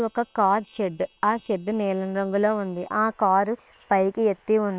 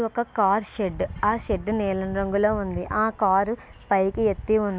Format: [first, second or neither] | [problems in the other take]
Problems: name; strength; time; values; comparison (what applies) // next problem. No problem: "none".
second | noise reduction (neural separator model SepFormer WHAM!)